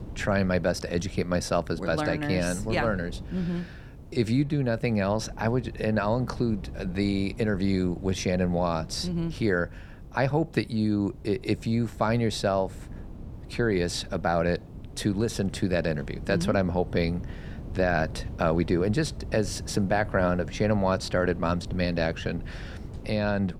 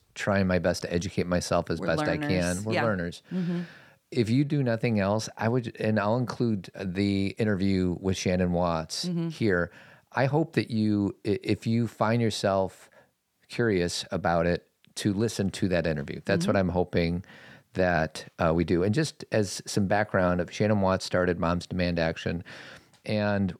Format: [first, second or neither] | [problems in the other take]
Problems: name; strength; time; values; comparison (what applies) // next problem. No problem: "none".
second | wind noise on the microphone; occasional gusts; 20 dB below the speech